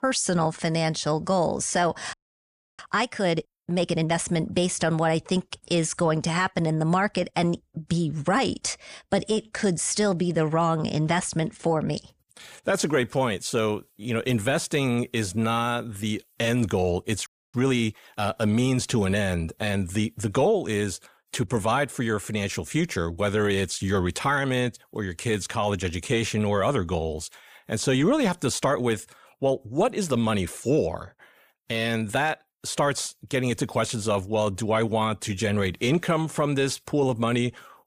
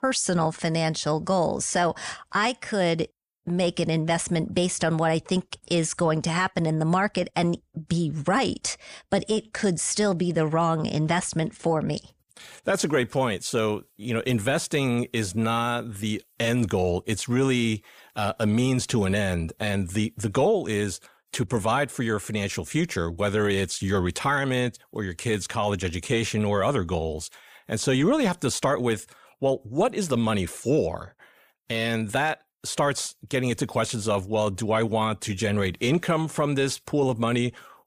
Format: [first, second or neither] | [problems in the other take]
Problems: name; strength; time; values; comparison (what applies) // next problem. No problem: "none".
second | audio freezing; at 2 s for 0.5 s and at 17 s